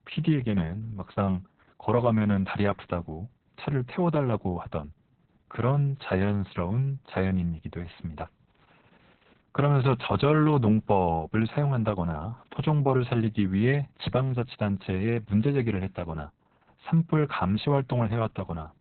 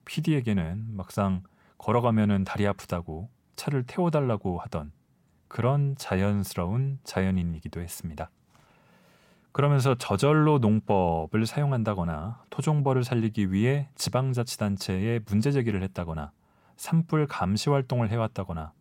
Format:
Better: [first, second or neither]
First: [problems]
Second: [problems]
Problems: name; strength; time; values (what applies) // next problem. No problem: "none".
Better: second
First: garbled, watery; badly; nothing above 4 kHz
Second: none